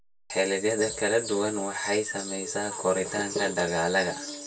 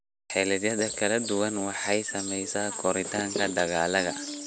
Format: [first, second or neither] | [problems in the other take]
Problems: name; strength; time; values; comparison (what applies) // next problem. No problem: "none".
second | room echo; dies away in 0.1 s